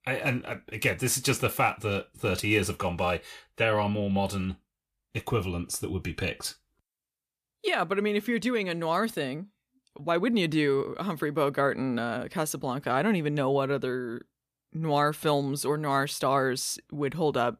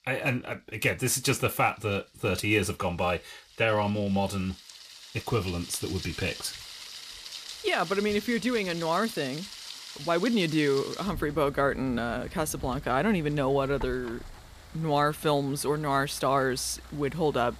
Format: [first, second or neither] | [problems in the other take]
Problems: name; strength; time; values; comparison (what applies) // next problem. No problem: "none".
first | rain or running water; noticeable; throughout; 15 dB below the speech